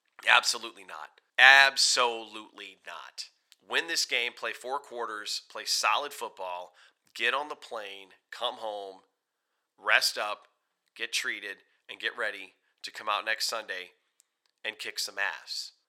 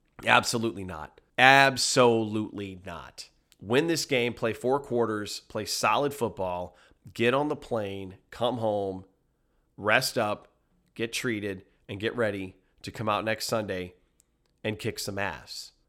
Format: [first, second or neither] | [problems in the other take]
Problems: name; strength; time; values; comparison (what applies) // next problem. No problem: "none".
second | thin; very; fading below 750 Hz